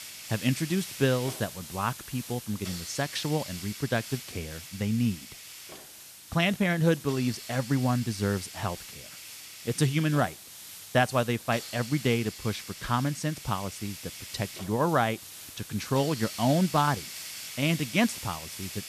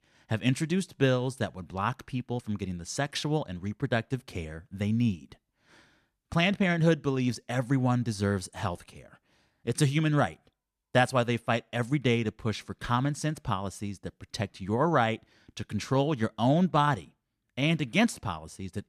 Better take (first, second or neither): second